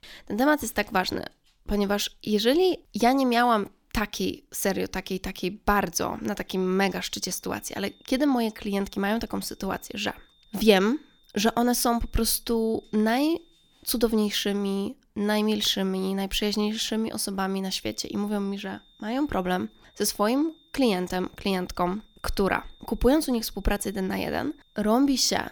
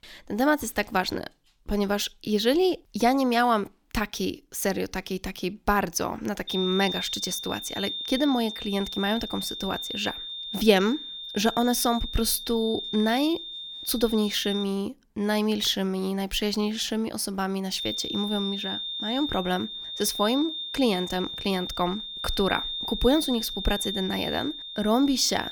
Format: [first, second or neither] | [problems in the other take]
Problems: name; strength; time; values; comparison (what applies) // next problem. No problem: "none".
first | high-pitched whine; loud; from 6.5 to 15 s and from 18 s on; 3.5 kHz, 6 dB below the speech; faint in the first